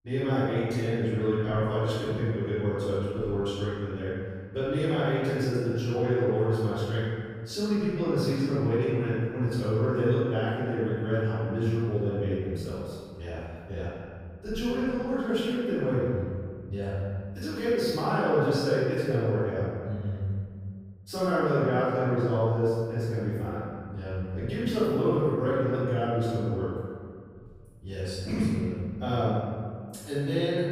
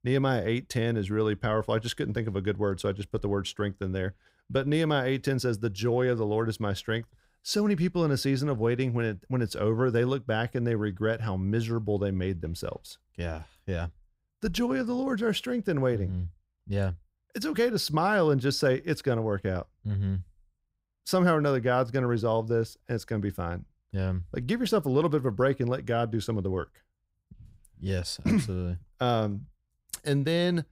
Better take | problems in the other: second | off-mic speech; far // room echo; strong; dies away in 1.9 s

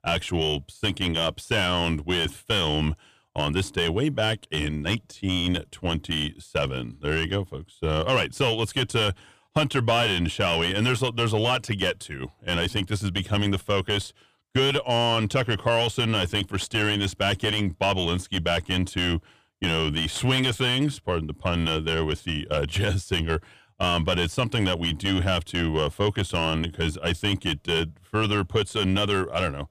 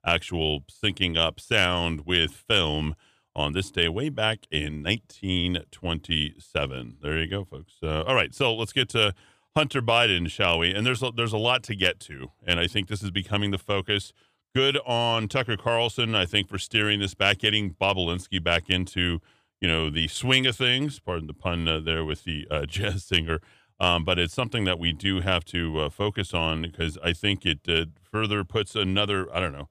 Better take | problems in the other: second | distortion; heavy; 6 dB below the speech

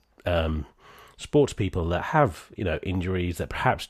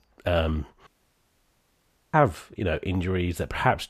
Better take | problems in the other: first | audio cutting out; at 1 s for 1.5 s

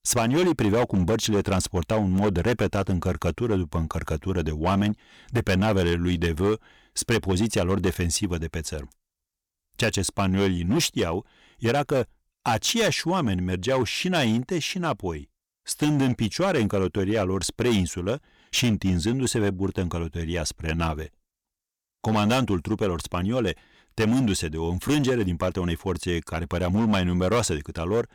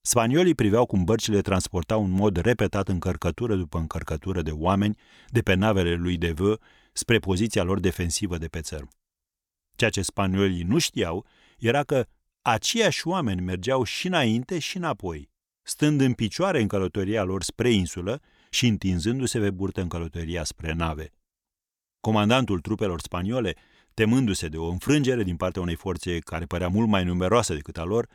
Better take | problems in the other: second | distortion; slight; 8% of the sound clipped

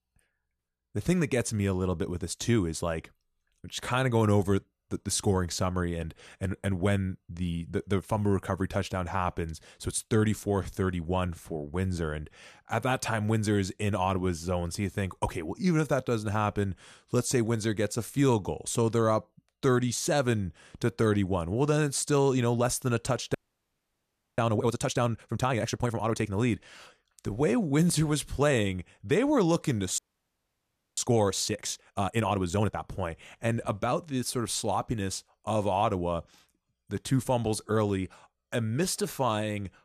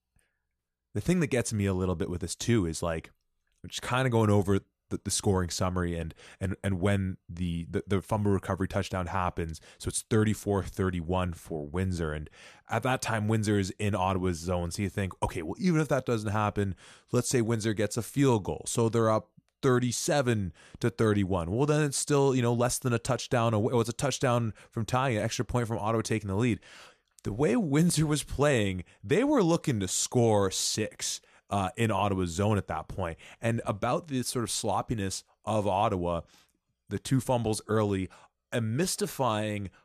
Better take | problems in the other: second | audio freezing; at 23 s for 1 s and at 30 s for 1 s

